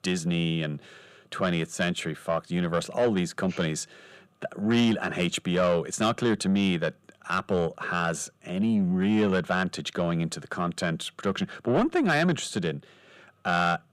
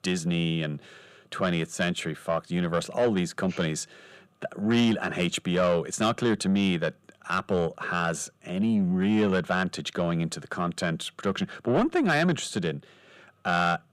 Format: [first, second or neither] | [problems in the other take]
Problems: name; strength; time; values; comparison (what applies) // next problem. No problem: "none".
neither | distortion; slight; 10 dB below the speech; the same in both